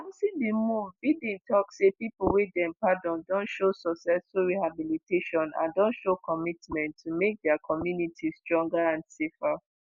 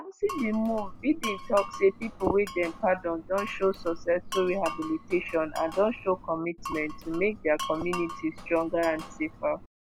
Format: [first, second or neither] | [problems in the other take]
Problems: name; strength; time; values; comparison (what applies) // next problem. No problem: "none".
first | background sound (Glass); 11 dB below the speech